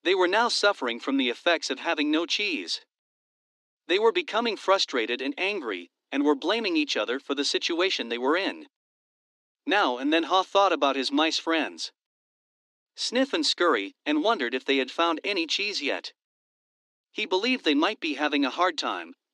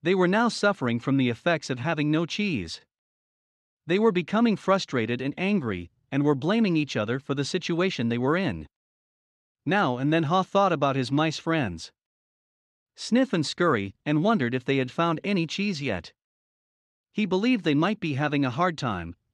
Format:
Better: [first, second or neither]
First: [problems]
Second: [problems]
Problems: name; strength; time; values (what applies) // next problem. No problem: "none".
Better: second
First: thin; very slightly; fading below 250 Hz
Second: none